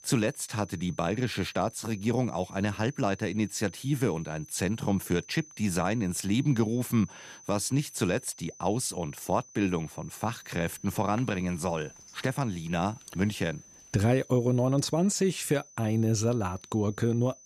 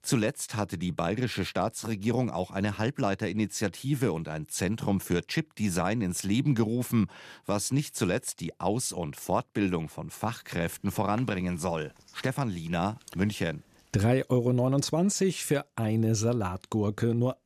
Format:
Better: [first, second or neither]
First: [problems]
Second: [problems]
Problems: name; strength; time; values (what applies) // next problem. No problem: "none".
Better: second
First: high-pitched whine; faint; throughout; 6 kHz, 20 dB below the speech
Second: none